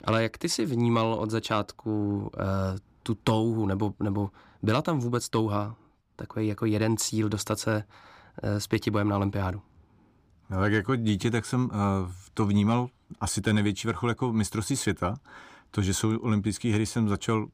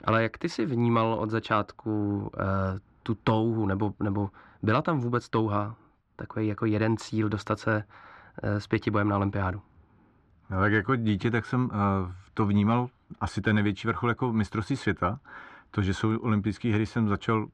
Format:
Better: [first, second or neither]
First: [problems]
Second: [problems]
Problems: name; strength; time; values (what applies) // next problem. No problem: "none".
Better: first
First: none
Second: muffled; slightly; fading above 3 kHz